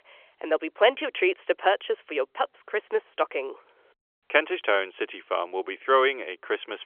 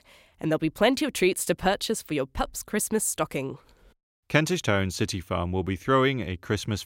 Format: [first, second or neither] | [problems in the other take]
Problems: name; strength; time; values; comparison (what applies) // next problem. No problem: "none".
second | phone-call audio; nothing above 3.5 kHz